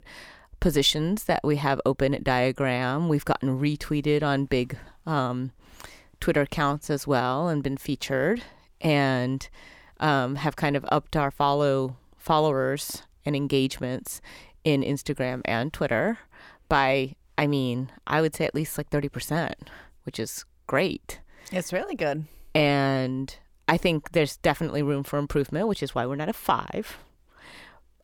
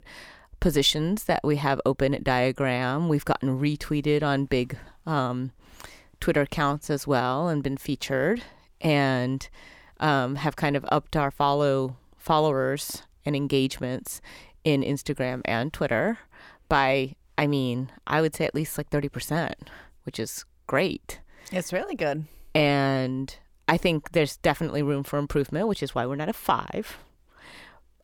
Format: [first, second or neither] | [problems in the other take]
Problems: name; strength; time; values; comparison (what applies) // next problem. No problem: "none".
neither | none